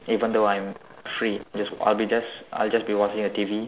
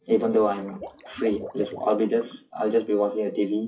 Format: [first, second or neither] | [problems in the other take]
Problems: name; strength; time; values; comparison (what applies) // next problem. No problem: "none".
first | noise reduction (classical method WPE with log-MMSE)